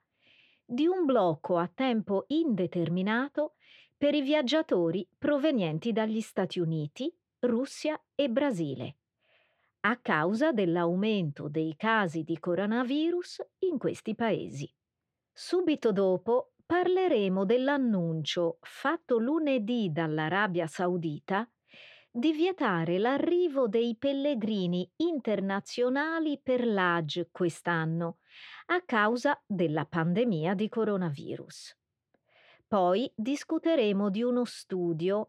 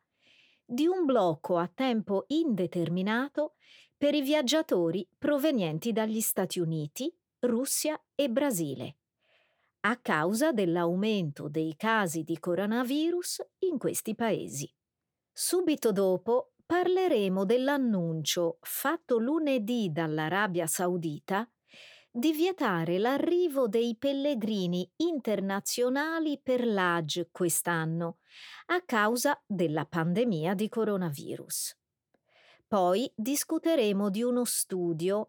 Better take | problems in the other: second | muffled; slightly; fading above 3 kHz

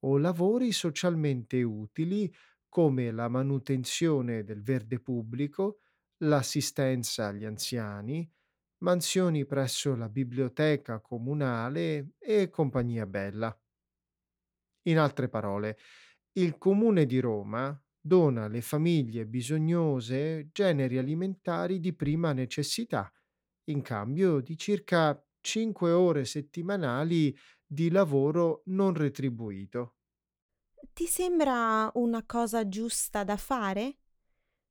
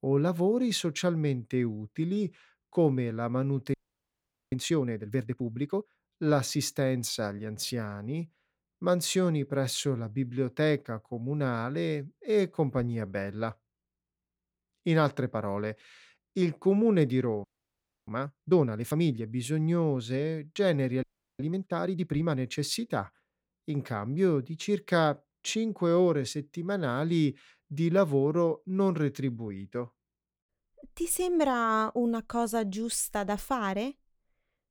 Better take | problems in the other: first | audio freezing; at 3.5 s for 1 s, at 17 s for 0.5 s and at 21 s

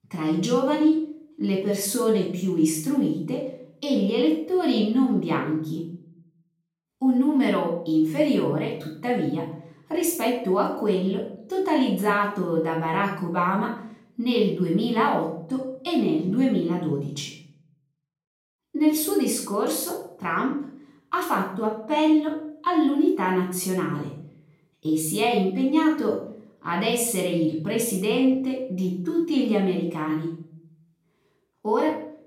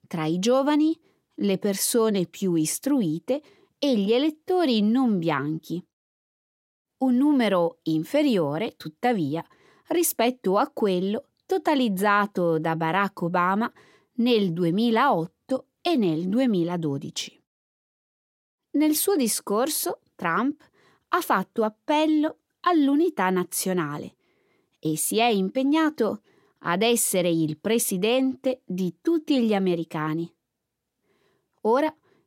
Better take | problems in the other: second | off-mic speech; far // room echo; noticeable; dies away in 0.5 s

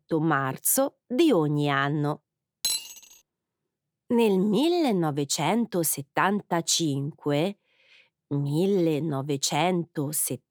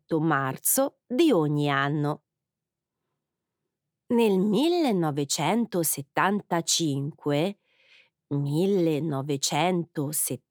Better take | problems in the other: second | clattering dishes; noticeable; at 2.5 s; peak 2 dB below the speech

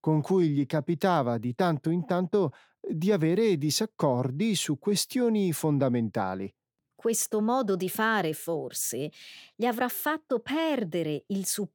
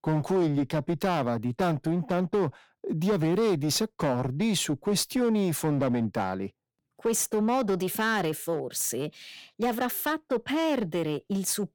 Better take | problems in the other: first | distortion; slight; 11% of the sound clipped

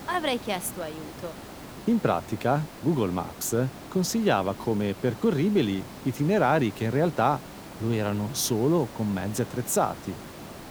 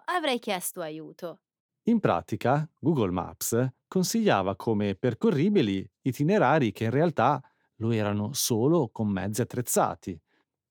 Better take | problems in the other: second | hiss; noticeable; throughout; 15 dB below the speech

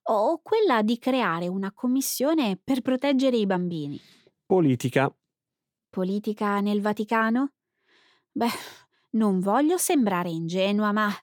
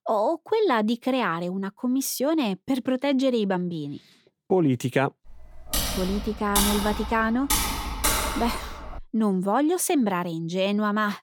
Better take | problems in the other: first | keyboard typing; loud; from 5.5 to 9 s; peak 2 dB above the speech

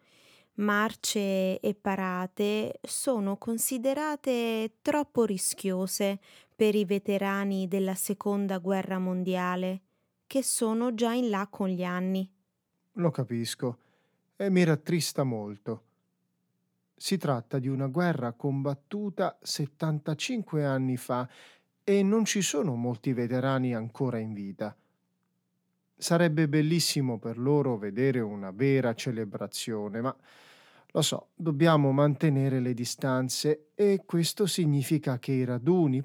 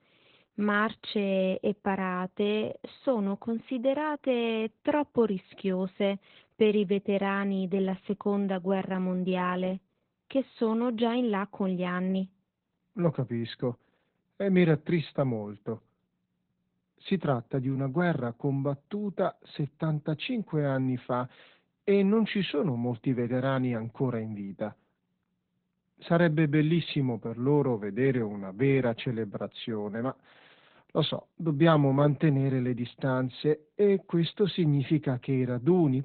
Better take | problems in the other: first | garbled, watery; badly; nothing above 4 kHz

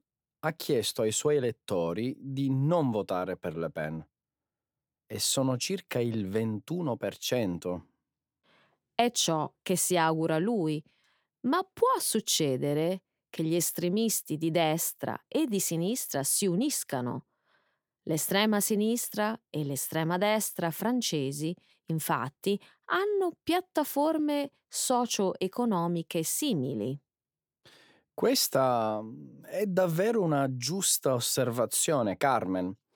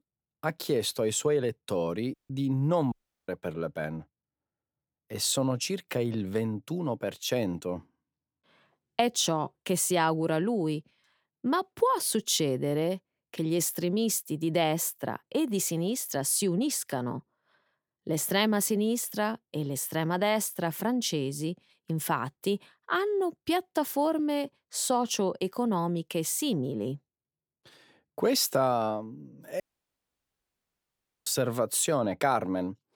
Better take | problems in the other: first | audio cutting out; at 2 s, at 3 s and at 30 s for 1.5 s

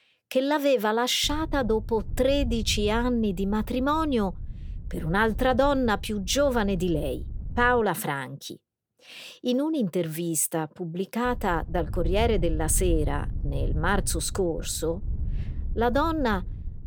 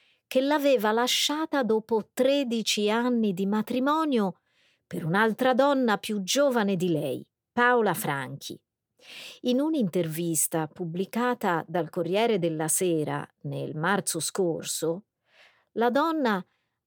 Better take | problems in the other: second | wind noise on the microphone; occasional gusts; from 1 to 8 s and from 11 s on; 25 dB below the speech

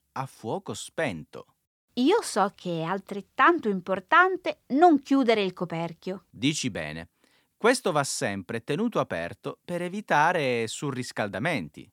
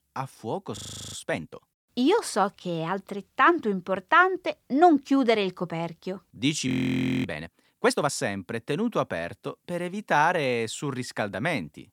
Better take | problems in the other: first | audio freezing; at 1 s and at 6.5 s for 0.5 s

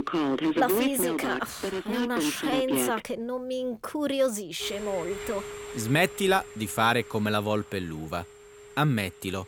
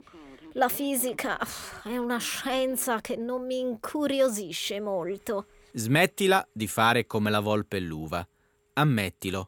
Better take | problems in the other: second | alarms or sirens; loud; throughout; 3 dB below the speech; faint in the second

